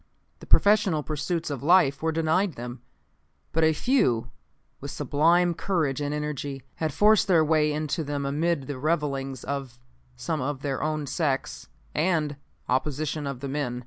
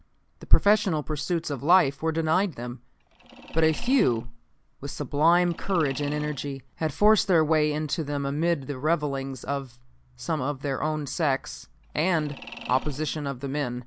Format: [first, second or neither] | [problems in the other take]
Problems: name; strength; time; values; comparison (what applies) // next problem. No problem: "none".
first | background sound (Mechanisms); 18 dB below the speech